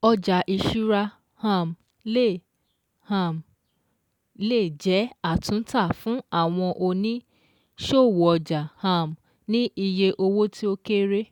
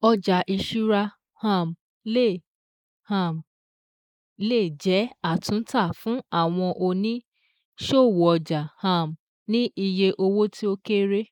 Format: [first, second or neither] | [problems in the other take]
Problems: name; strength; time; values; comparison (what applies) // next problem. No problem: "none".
first | noise reduction (neural mask model Resemble Enhance denoiser)